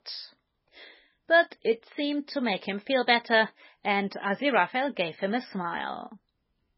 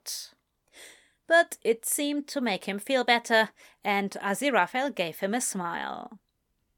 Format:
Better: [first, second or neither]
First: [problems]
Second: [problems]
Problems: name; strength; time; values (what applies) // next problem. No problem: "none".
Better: second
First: garbled, watery; badly; nothing above 5.5 kHz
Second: none